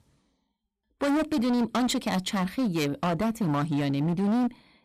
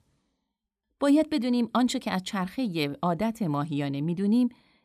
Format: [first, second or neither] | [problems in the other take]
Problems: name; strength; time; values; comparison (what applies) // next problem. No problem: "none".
second | distortion; heavy; 22% of the sound clipped